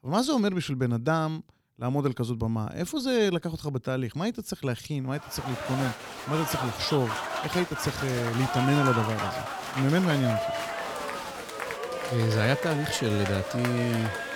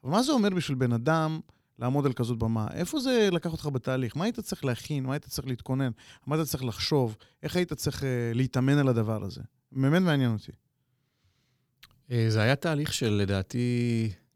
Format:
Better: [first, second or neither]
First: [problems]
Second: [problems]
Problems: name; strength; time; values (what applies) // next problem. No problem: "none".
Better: second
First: crowd noise; loud; from 5.5 s on; 4 dB below the speech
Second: none